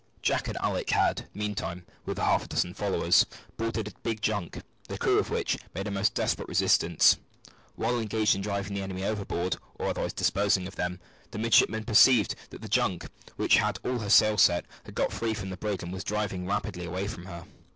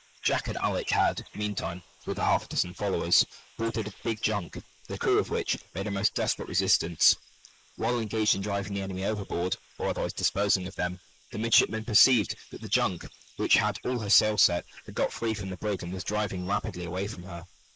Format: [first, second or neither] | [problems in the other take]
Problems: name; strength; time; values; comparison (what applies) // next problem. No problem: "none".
first | noise reduction (neural mask model Resemble Enhance denoiser)